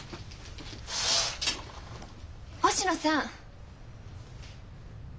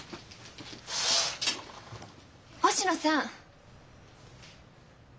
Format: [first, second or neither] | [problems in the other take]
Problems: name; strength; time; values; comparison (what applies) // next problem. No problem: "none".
second | background sound (Wind); 12 dB below the speech